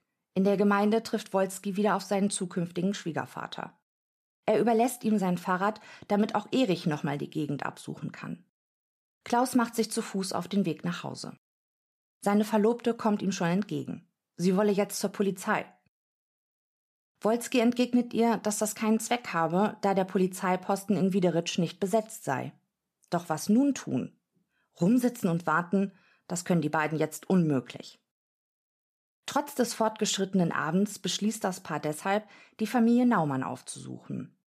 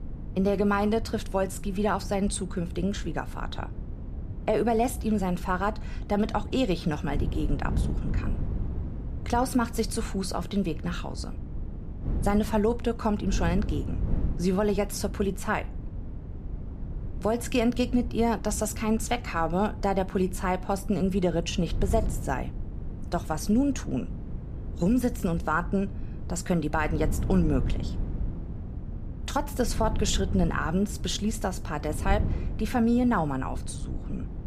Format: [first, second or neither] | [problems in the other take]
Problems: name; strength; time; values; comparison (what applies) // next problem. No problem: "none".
first | wind noise on the microphone; occasional gusts; 15 dB below the speech